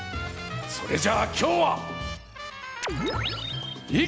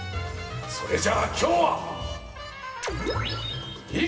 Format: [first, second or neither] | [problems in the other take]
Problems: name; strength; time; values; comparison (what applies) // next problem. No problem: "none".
first | room echo; dies away in 2.2 s